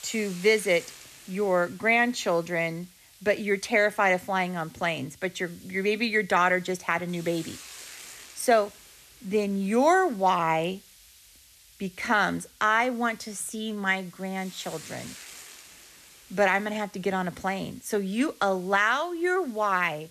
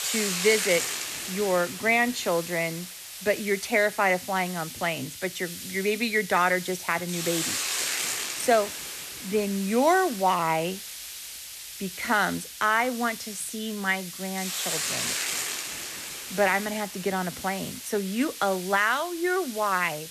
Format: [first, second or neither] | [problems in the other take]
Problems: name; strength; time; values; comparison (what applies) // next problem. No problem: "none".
first | hiss; loud; throughout; 6 dB below the speech; faint in the first